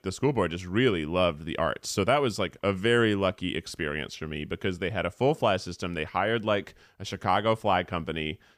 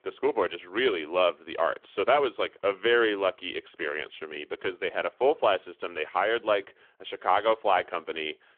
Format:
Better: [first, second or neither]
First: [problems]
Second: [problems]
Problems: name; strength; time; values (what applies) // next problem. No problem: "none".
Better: first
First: none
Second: phone-call audio; nothing above 3 kHz